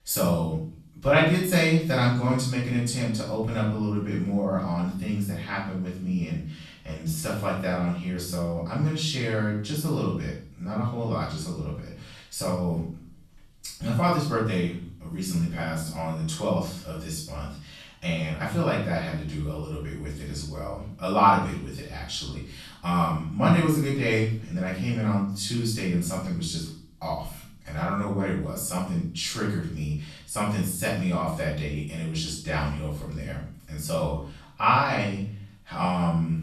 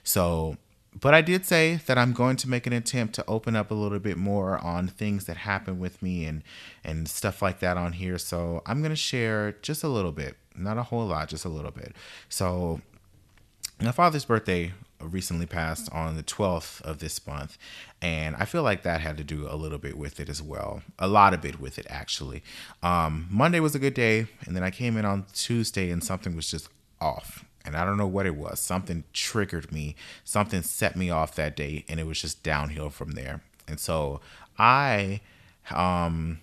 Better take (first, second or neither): second